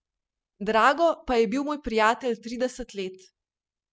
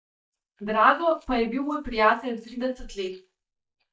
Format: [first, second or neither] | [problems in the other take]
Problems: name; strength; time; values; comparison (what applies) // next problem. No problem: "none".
first | noise reduction (neural mask model DeepFilterNet 3)